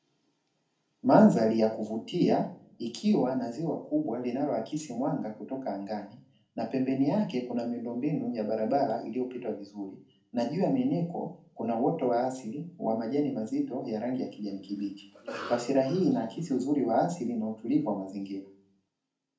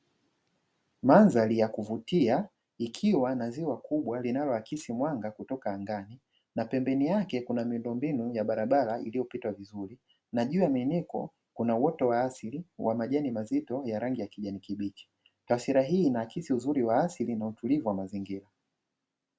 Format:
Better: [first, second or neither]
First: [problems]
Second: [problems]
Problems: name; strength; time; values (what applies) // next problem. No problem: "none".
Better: second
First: background sound (Cough); 15 dB below the speech // room echo; dies away in 0.4 s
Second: none